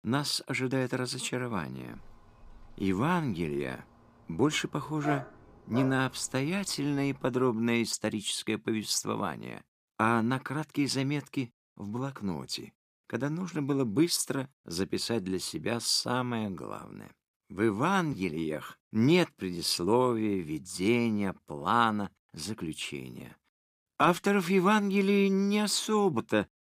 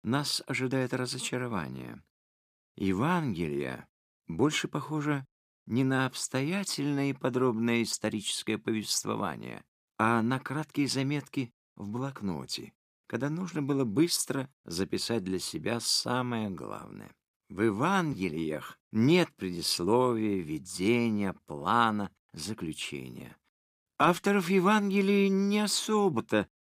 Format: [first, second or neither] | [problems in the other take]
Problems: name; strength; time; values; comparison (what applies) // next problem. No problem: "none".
second | dog barking; noticeable; from 2 to 7.5 s; peak 7 dB below the speech